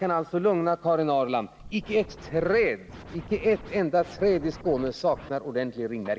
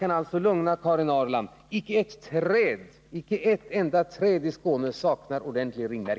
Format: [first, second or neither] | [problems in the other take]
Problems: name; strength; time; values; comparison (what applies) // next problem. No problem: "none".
second | background sound (Scratching (performance technique)); 17 dB below the speech